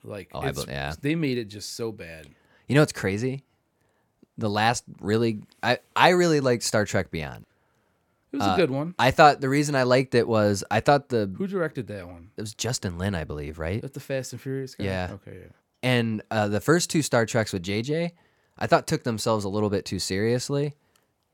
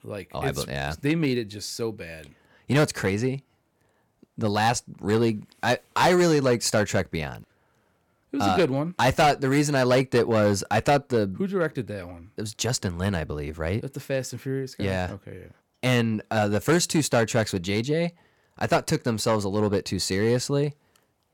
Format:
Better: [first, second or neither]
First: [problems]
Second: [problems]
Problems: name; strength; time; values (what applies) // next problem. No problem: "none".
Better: first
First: none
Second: distortion; slight; 3% of the sound clipped